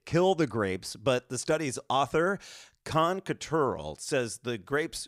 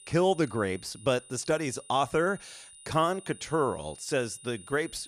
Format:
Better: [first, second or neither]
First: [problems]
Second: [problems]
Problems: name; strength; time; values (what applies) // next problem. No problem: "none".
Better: first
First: none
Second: high-pitched whine; noticeable; throughout; 9.5 kHz, 20 dB below the speech